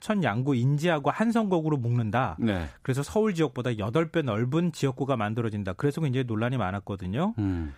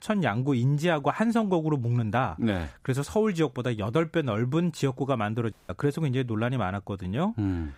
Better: first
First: none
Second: audio cutting out; at 5.5 s

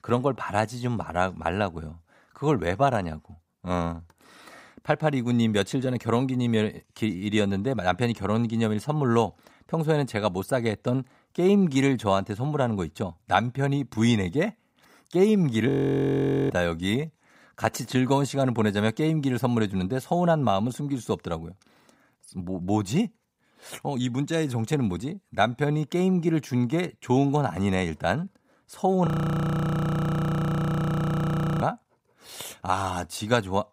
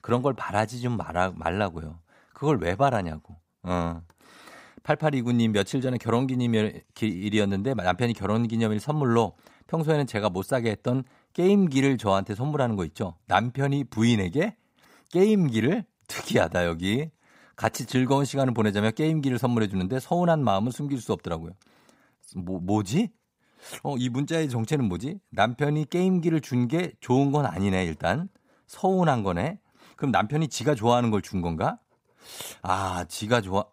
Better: second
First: audio freezing; at 16 s for 1 s and at 29 s for 2.5 s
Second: none

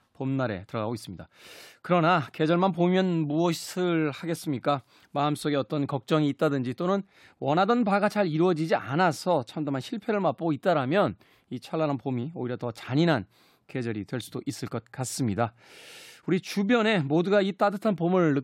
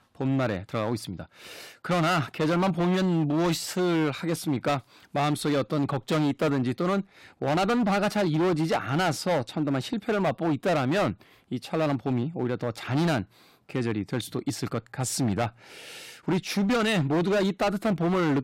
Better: first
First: none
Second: distortion; heavy; 17% of the sound clipped

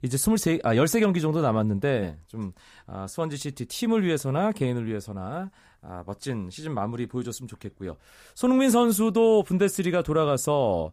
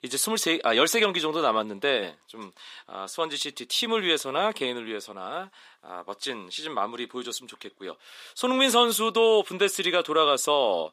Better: first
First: none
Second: thin; somewhat; fading below 300 Hz

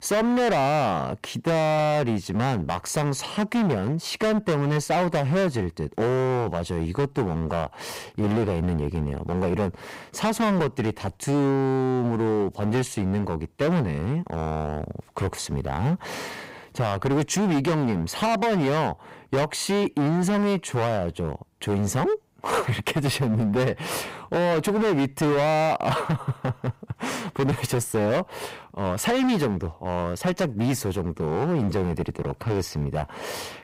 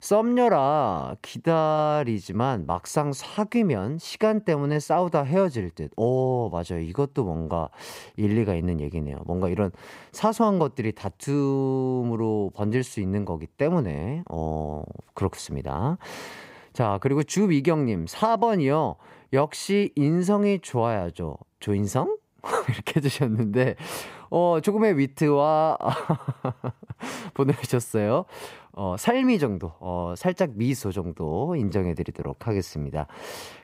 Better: second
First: distortion; heavy; 19% of the sound clipped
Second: none

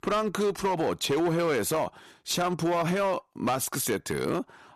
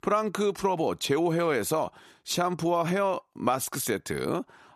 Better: second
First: distortion; slight; 12% of the sound clipped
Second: none

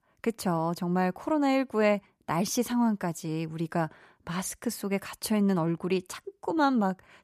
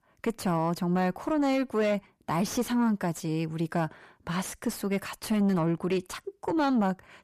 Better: first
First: none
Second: distortion; slight; 10 dB below the speech

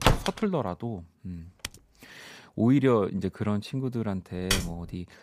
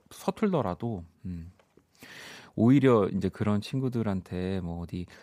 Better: second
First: door banging; loud; at the start; peak 3 dB above the speech // keyboard typing; faint; at 1.5 s; peak 10 dB below the speech // keyboard typing; loud; at 4.5 s; peak level with the speech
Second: none

